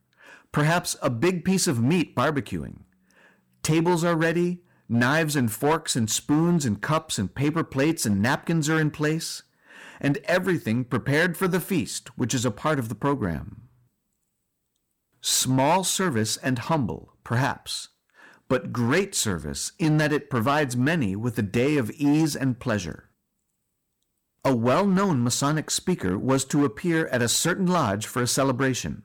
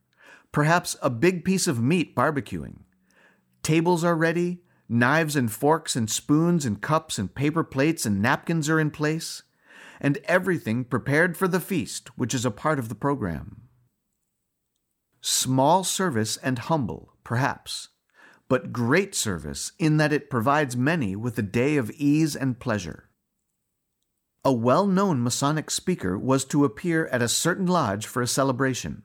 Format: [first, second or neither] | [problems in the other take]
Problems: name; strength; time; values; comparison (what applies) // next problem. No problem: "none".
second | distortion; slight; 6% of the sound clipped